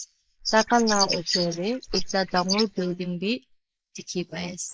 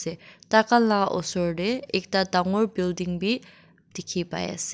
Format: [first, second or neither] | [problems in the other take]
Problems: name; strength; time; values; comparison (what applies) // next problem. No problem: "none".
second | noise reduction (neural mask model Resemble Enhance denoiser)